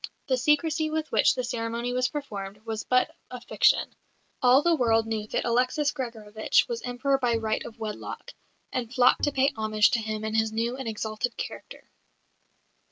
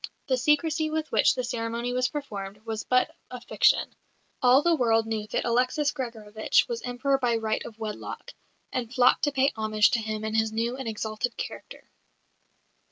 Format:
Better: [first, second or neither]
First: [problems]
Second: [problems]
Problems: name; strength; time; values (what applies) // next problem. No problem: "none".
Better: second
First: background sound (Bowed string instrument); 16 dB below the speech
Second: none